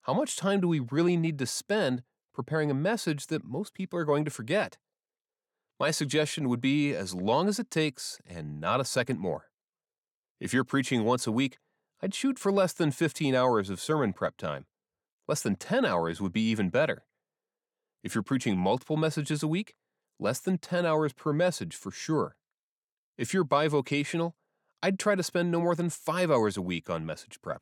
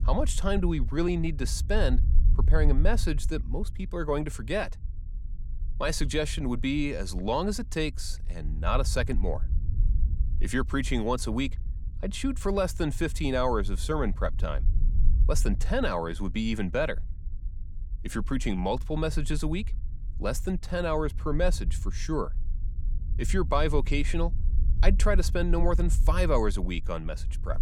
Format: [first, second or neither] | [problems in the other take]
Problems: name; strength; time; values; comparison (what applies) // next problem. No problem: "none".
first | low rumble; faint; throughout; 20 dB below the speech